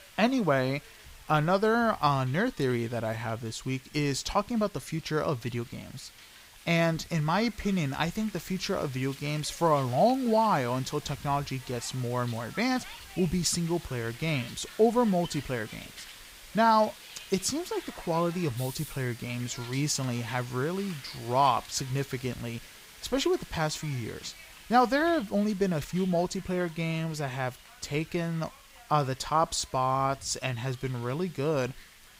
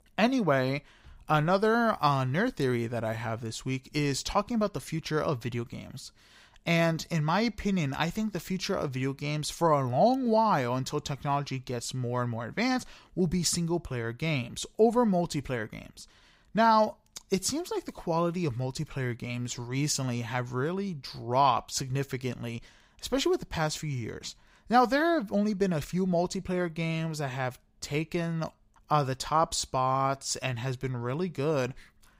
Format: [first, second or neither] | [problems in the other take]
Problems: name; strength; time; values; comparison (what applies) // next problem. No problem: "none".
second | hiss; noticeable; throughout; 20 dB below the speech